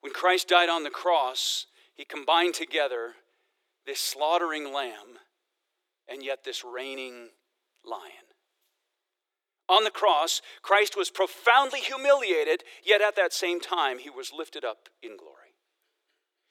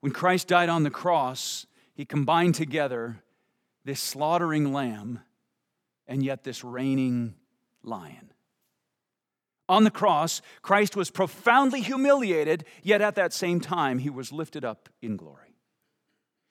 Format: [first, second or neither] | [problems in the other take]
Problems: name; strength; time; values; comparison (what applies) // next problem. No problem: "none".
second | thin; very; fading below 350 Hz